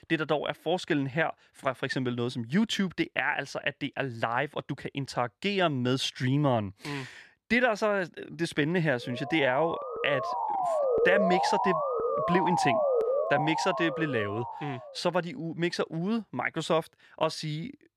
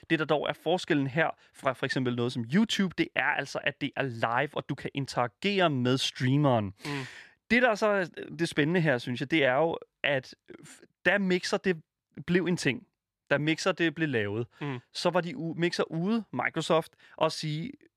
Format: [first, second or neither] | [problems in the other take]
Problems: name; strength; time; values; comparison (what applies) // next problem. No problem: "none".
second | siren; loud; from 9 to 15 s; peak 4 dB above the speech